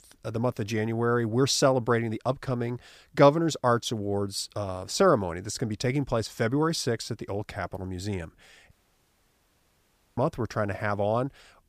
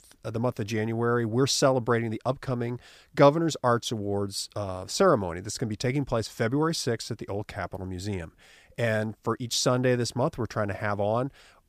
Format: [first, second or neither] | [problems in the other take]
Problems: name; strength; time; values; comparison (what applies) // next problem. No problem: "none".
second | audio cutting out; at 8.5 s for 1.5 s